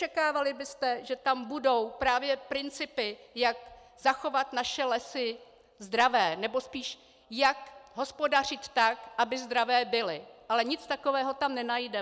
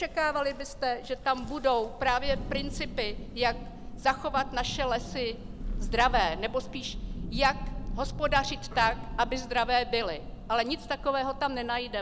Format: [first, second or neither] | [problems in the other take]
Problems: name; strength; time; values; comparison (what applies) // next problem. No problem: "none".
first | background sound (Thunder); 7 dB below the speech